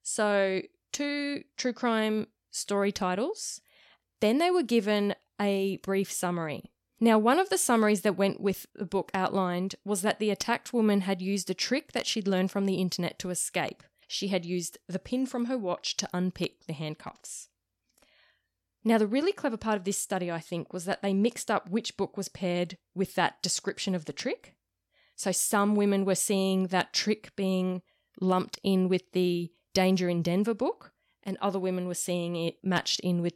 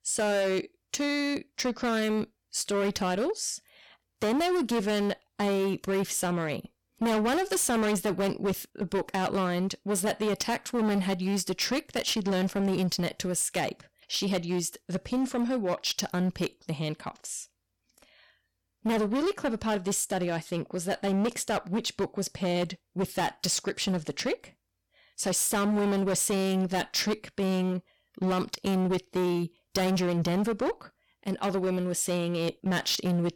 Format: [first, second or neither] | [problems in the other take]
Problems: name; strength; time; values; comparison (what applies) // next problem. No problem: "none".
first | distortion; heavy; 18% of the sound clipped